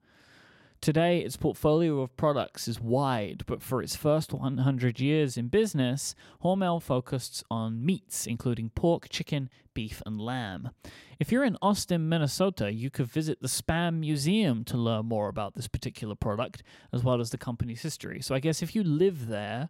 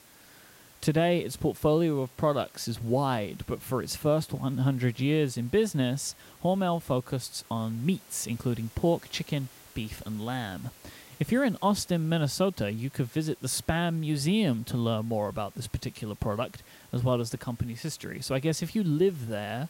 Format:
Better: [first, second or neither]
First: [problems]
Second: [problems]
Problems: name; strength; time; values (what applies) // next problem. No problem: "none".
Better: first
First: none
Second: hiss; faint; throughout; 25 dB below the speech